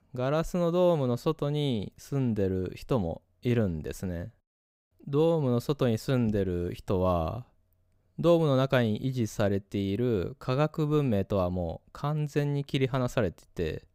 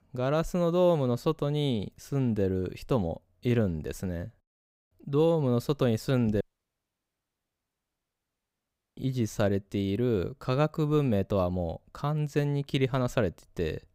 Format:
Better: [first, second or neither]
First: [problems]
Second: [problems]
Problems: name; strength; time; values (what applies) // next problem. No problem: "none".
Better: first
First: none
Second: audio cutting out; at 6.5 s for 2.5 s